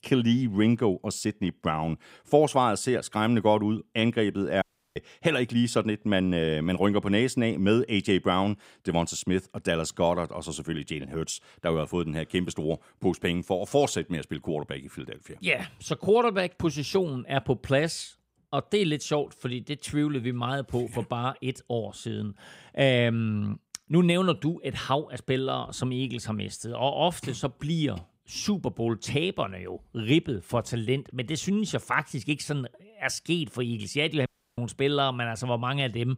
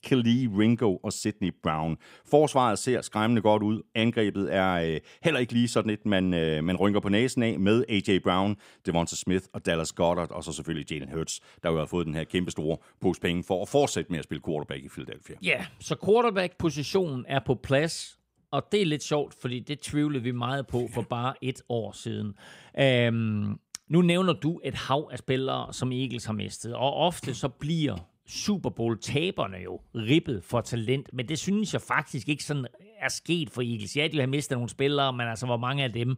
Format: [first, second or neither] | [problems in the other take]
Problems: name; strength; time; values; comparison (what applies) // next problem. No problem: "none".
second | audio cutting out; at 4.5 s and at 34 s